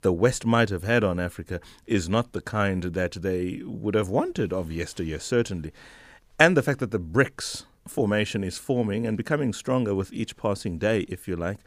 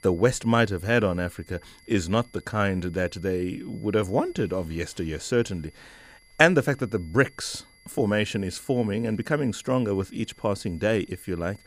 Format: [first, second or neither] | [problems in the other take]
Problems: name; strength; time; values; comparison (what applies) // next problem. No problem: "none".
first | high-pitched whine; faint; throughout; 2 kHz, 30 dB below the speech